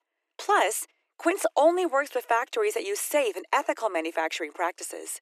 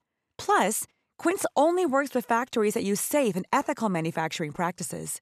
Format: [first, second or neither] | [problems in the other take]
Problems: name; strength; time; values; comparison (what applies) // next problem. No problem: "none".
second | thin; very; fading below 300 Hz